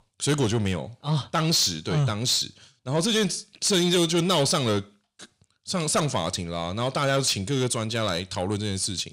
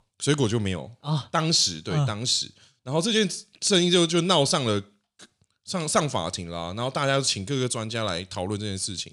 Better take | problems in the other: second | distortion; slight; 10 dB below the speech

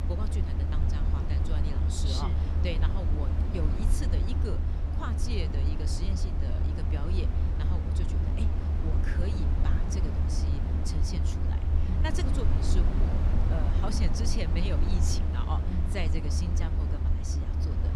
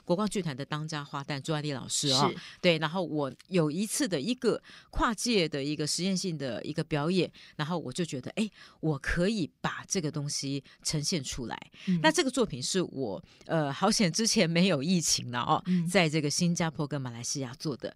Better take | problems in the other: second | low rumble; loud; throughout; 1 dB below the speech

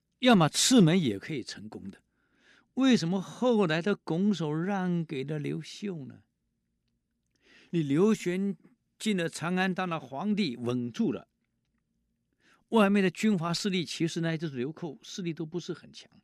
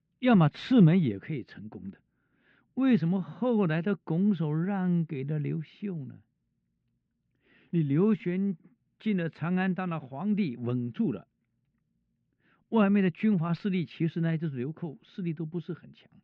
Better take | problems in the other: first | muffled; very; fading above 3 kHz

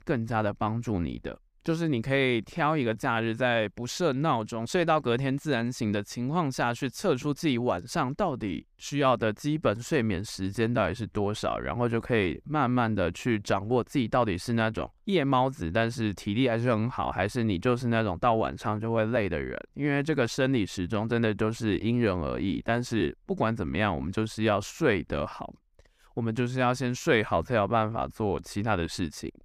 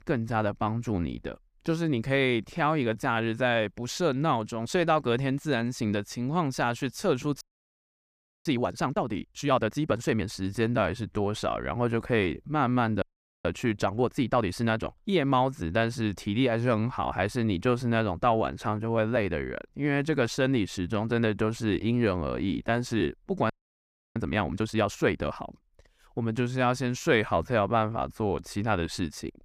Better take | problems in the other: first | audio freezing; at 7.5 s for 1 s, at 13 s and at 24 s for 0.5 s

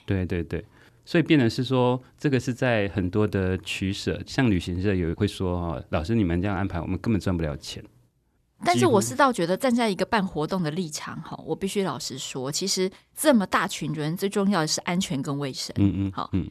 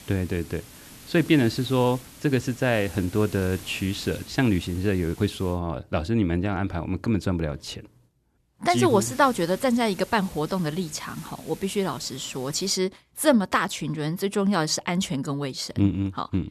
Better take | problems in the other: first | hiss; noticeable; until 5.5 s and from 8.5 to 13 s; 20 dB below the speech

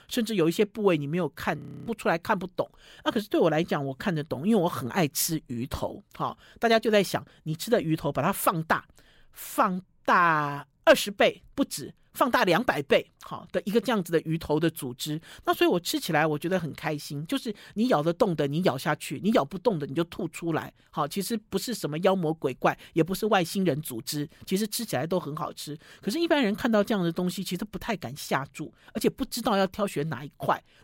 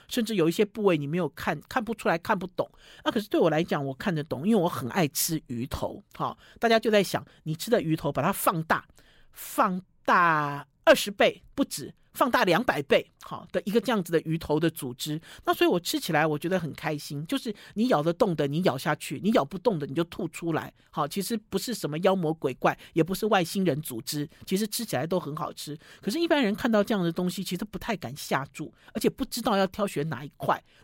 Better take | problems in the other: second | audio freezing; at 1.5 s

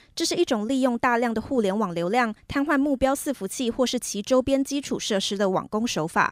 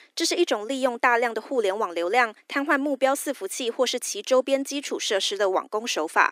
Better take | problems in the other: first | thin; somewhat; fading below 300 Hz

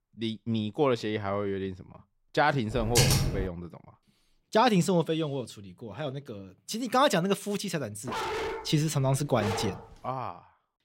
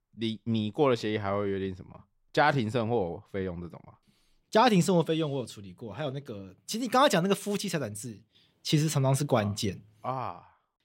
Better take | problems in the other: second | keyboard typing; loud; at 3 s; peak 6 dB above the speech // dog barking; noticeable; from 8 to 10 s; peak 3 dB below the speech

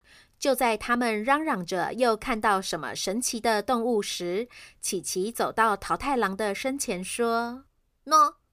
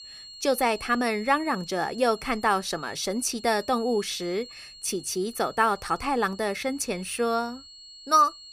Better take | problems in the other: first | high-pitched whine; noticeable; throughout; 4.5 kHz, 15 dB below the speech

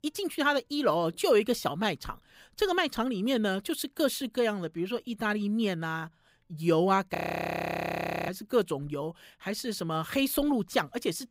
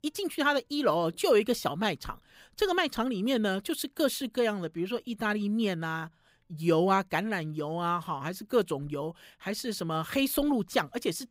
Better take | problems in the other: second | audio freezing; at 7 s for 1 s

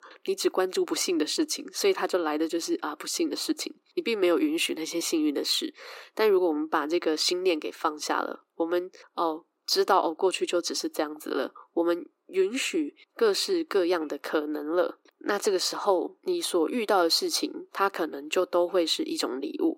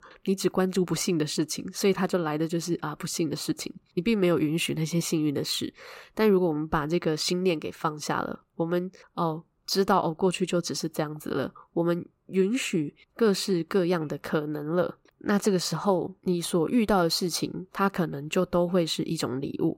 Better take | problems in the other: second | thin; somewhat; fading below 300 Hz

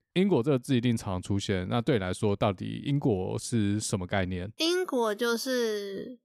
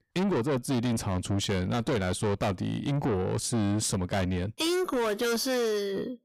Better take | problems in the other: first | distortion; heavy; 7 dB below the speech

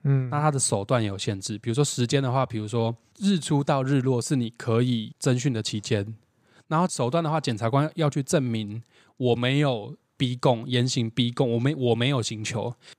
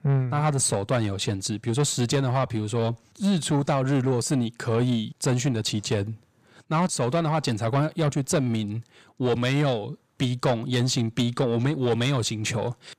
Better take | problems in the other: first | distortion; slight; 10 dB below the speech

